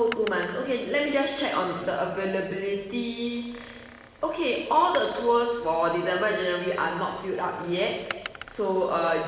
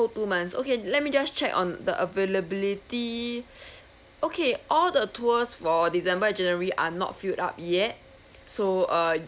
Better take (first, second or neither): second